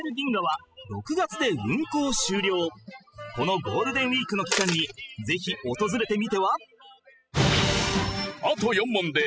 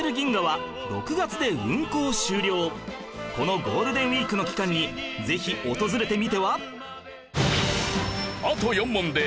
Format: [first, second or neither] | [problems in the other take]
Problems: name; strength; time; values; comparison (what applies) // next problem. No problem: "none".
second | noise reduction (classical method spectral subtraction)